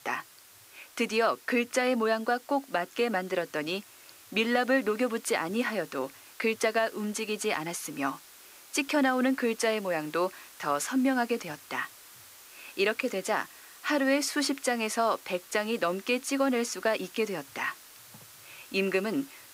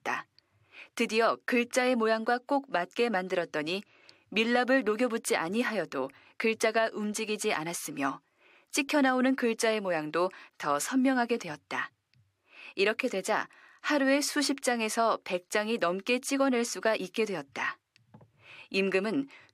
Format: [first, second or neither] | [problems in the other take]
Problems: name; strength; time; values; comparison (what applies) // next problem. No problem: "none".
second | hiss; faint; throughout; 20 dB below the speech